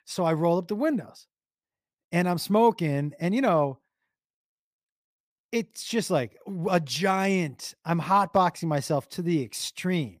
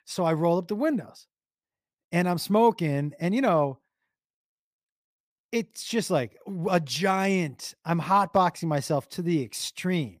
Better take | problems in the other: neither | none

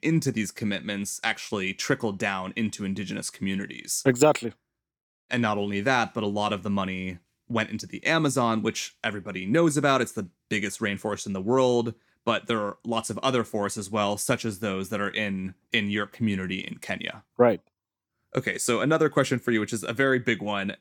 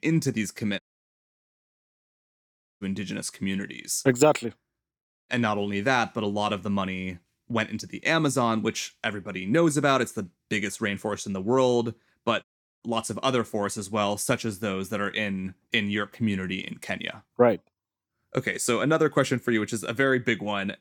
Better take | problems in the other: first | audio cutting out; at 1 s for 2 s and at 12 s

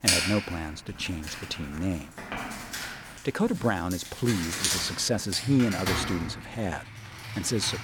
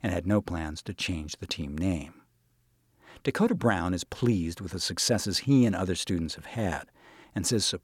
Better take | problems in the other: second | household noises; loud; throughout; 3 dB below the speech

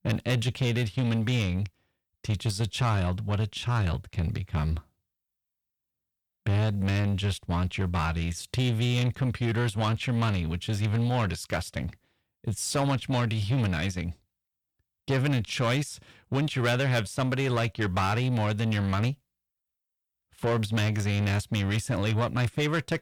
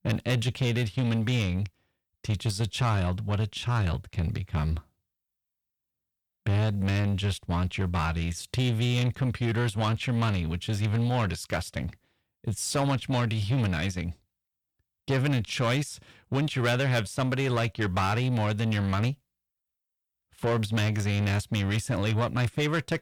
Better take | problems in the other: neither | distortion; slight; 10 dB below the speech; the same in both

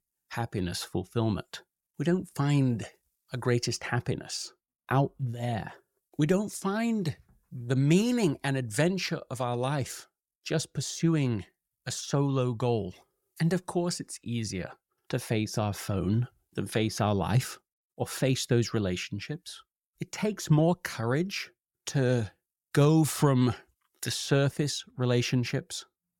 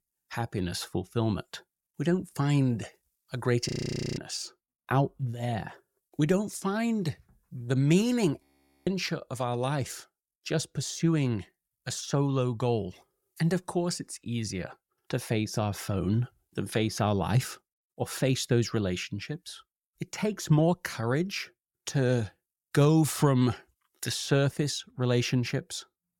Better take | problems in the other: first | audio freezing; at 3.5 s and at 8.5 s

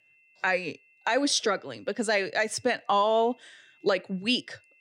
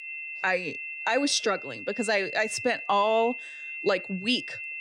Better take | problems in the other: first | high-pitched whine; loud; throughout; 2.5 kHz, 8 dB below the speech; faint in the first

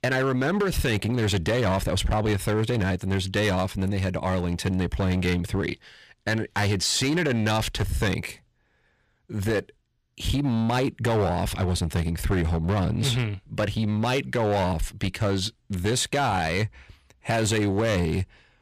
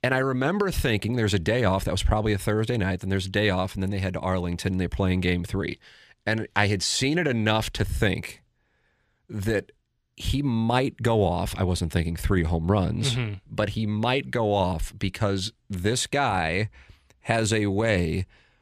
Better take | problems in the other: second | distortion; slight; 12% of the sound clipped

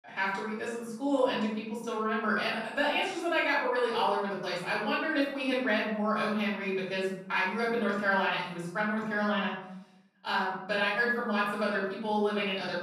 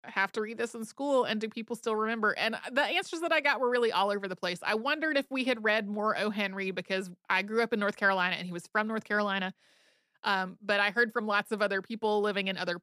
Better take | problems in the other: second | room echo; noticeable; dies away in 0.8 s // off-mic speech; far

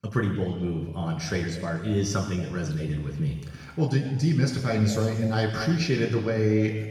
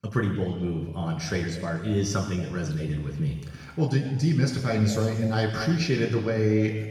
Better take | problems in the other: neither | room echo; noticeable; dies away in 1.2 s; the same in both // off-mic speech; far; the same in both

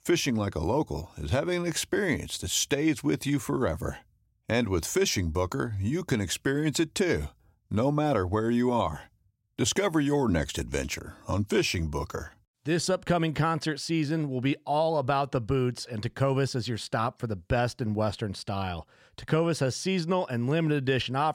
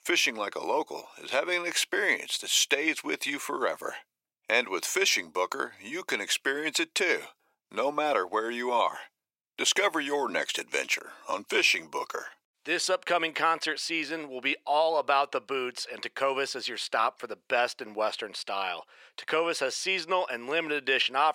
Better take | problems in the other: first | thin; very; fading below 450 Hz

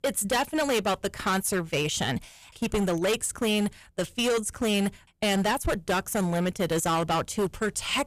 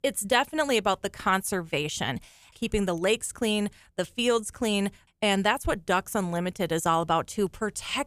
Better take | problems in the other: second | distortion; heavy; 16% of the sound clipped

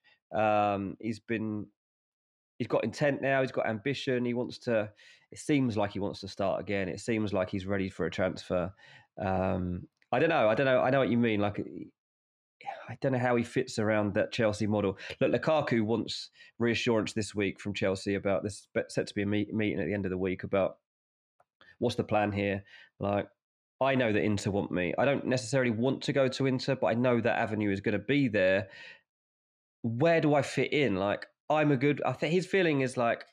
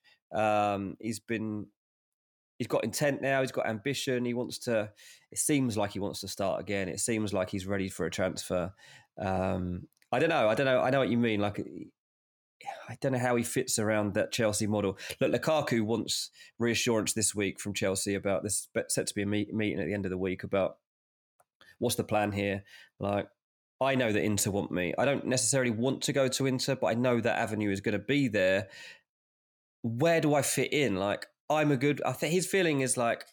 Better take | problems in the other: second | muffled; slightly; fading above 3.5 kHz

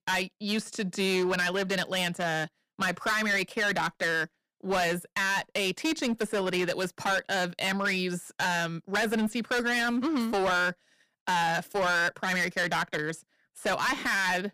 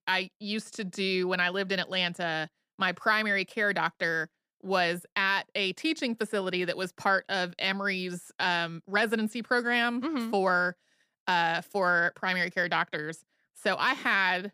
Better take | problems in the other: second | distortion; heavy; 15% of the sound clipped

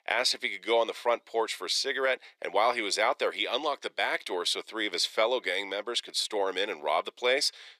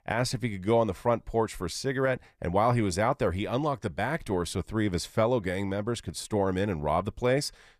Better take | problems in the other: second | thin; very; fading below 400 Hz

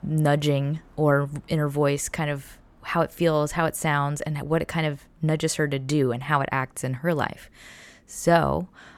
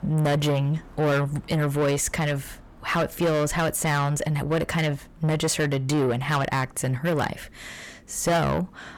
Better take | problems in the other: first | distortion; heavy; 7 dB below the speech

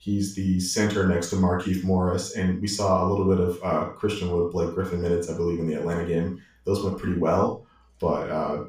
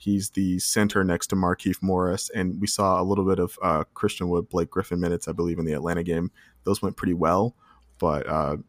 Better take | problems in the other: second | room echo; noticeable; dies away in 0.3 s // off-mic speech; far

